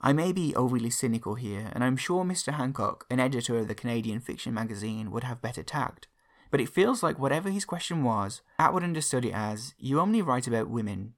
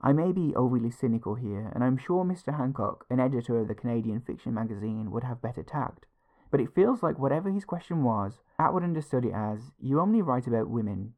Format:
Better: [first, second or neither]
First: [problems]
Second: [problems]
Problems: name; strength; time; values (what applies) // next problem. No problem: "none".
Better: first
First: none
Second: muffled; very; fading above 2 kHz